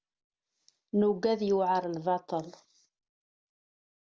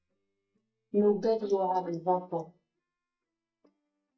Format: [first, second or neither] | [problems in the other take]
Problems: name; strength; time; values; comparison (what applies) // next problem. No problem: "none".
first | noise reduction (neural mask model DeepFilterNet 3)